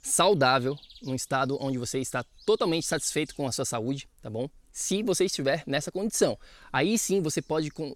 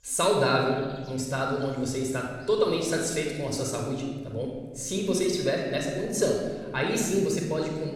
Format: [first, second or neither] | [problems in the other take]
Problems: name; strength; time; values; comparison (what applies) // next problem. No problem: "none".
first | room echo; noticeable; dies away in 1.5 s // off-mic speech; somewhat distant